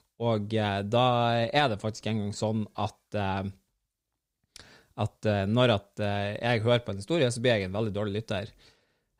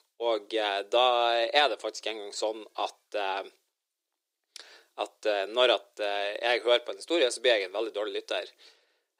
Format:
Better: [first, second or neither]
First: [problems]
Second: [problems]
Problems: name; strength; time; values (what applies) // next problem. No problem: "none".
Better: first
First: none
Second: thin; very; fading below 350 Hz